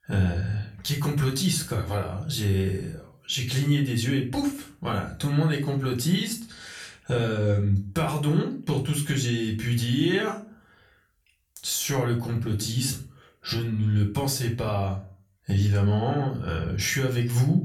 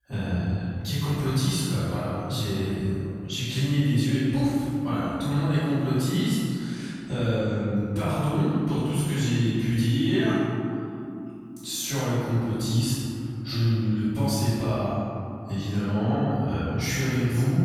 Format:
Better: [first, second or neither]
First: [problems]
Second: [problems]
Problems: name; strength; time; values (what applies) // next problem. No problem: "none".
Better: first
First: room echo; slight; dies away in 0.3 s // off-mic speech; far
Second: room echo; strong; dies away in 2.9 s // off-mic speech; far